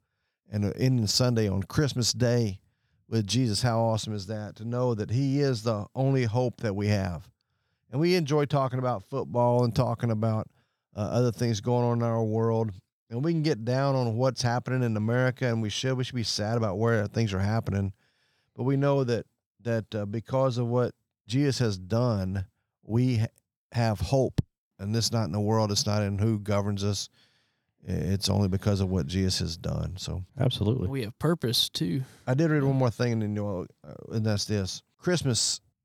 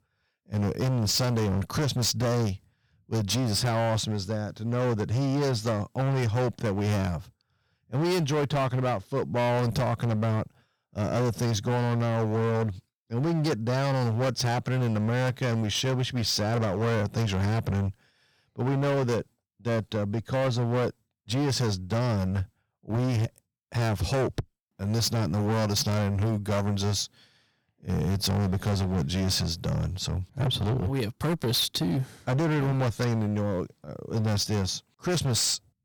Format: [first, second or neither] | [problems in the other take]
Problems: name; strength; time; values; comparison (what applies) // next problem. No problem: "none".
first | distortion; heavy; 23% of the sound clipped